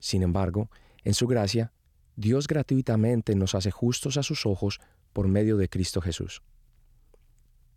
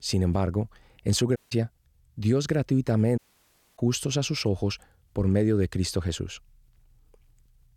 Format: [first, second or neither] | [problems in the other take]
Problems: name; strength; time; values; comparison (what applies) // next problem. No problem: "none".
first | audio cutting out; at 1.5 s and at 3 s for 0.5 s